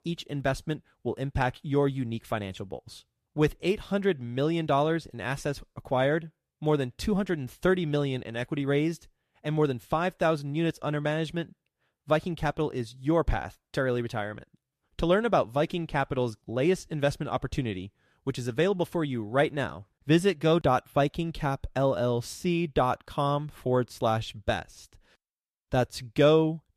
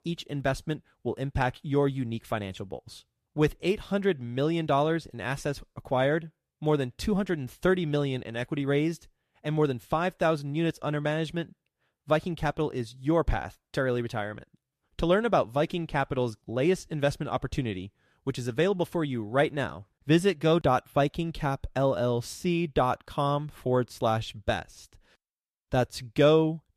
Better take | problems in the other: neither | none

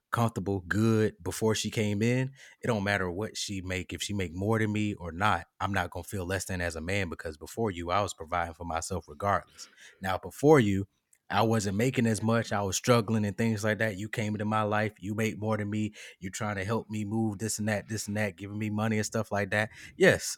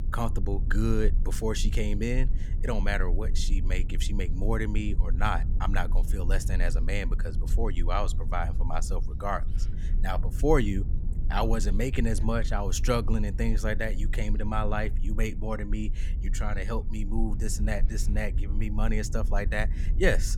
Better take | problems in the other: first | low rumble; noticeable; throughout; 15 dB below the speech

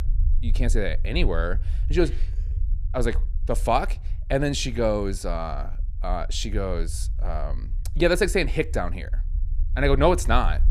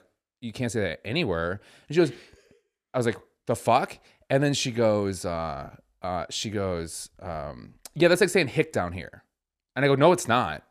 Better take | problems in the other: second | low rumble; faint; throughout; 25 dB below the speech

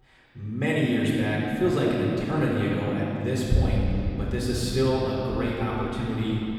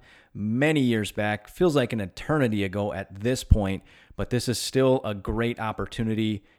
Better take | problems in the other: second | room echo; strong; dies away in 3 s // off-mic speech; far

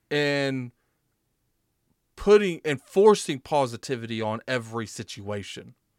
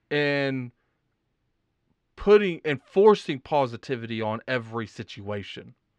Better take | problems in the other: first | muffled; very slightly; fading above 3 kHz

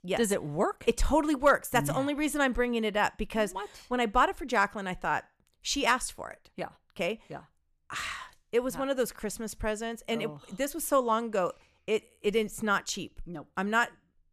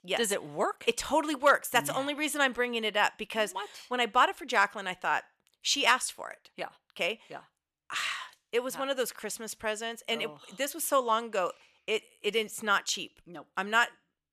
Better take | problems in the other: first | thin; very slightly; fading below 600 Hz

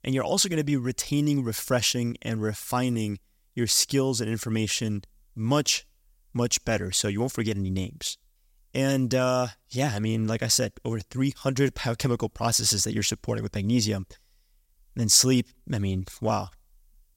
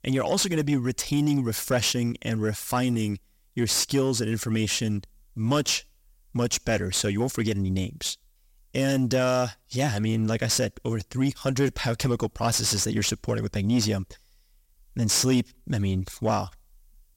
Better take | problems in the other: first | distortion; slight; 10 dB below the speech

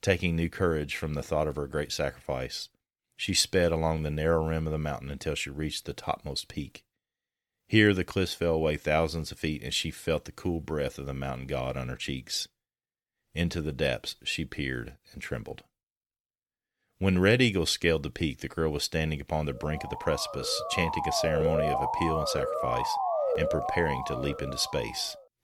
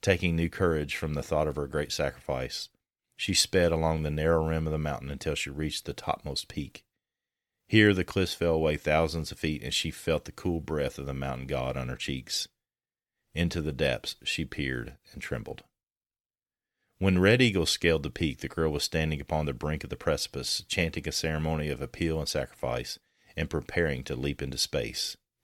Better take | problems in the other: second | siren; loud; from 20 s on; peak 3 dB above the speech

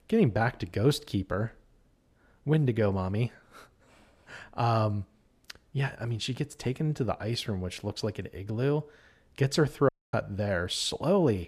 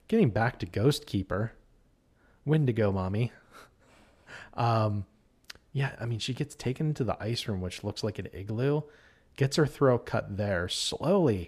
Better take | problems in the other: second | audio cutting out; at 10 s

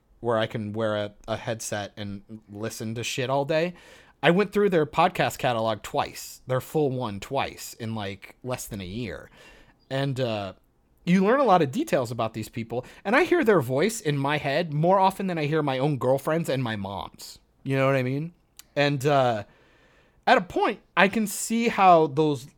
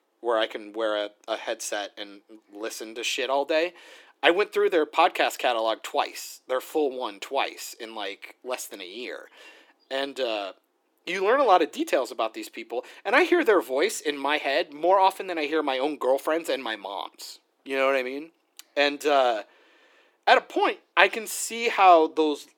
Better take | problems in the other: first | thin; somewhat; fading below 300 Hz

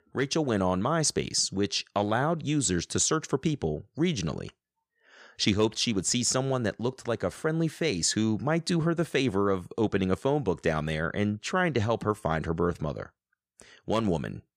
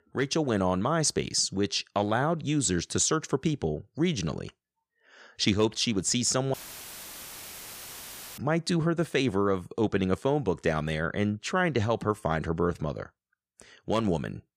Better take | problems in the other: first | audio cutting out; filled with static; at 6.5 s for 2 s

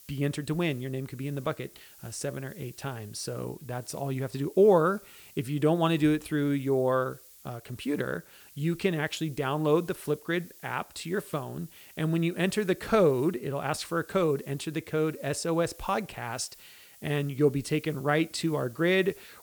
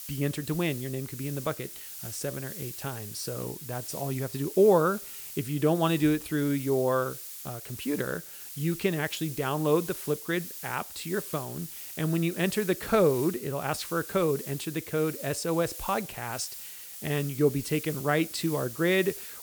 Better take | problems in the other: first | hiss; loud; throughout; 10 dB below the speech; faint in the first

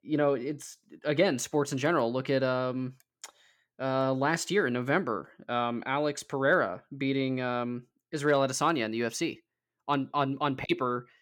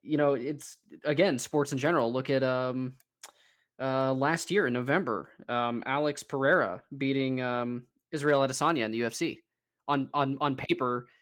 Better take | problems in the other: first | garbled, watery; slightly; nothing above 18 kHz

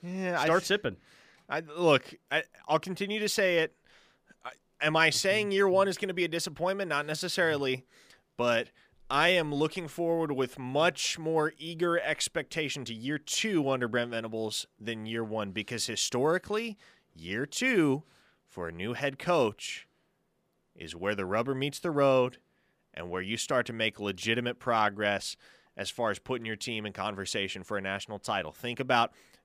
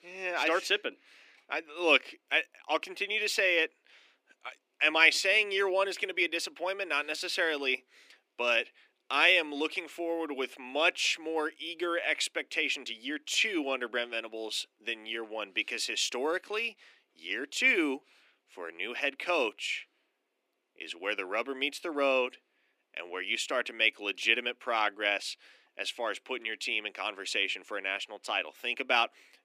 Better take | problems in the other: first | thin; very slightly; fading below 300 Hz

